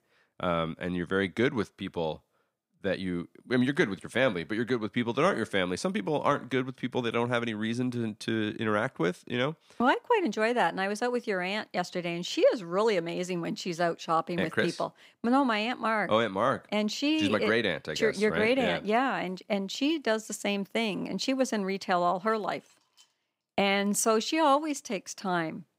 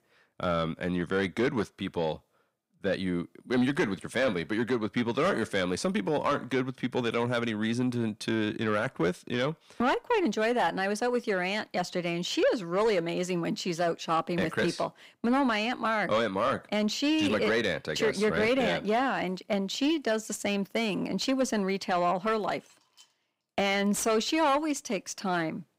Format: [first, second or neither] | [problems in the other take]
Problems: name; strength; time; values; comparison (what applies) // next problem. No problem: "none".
first | distortion; slight; 10 dB below the speech